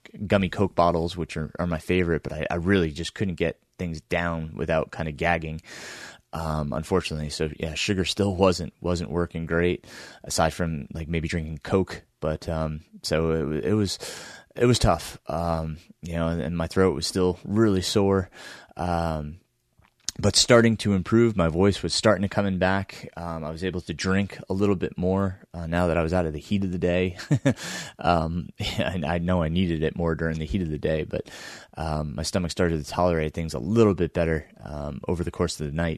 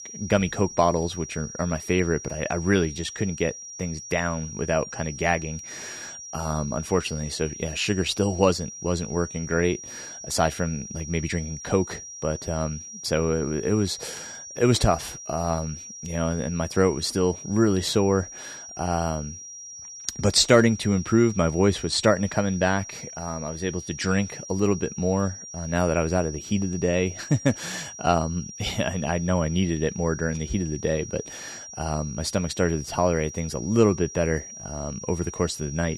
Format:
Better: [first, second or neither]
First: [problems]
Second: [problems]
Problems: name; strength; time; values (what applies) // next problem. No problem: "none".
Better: first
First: none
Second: high-pitched whine; noticeable; throughout; 5.5 kHz, 10 dB below the speech